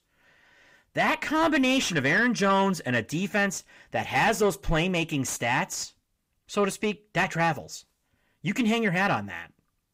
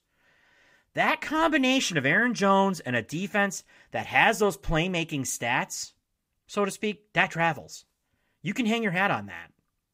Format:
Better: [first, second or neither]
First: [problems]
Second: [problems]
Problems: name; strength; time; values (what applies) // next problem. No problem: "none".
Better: second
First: distortion; slight; 10 dB below the speech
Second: none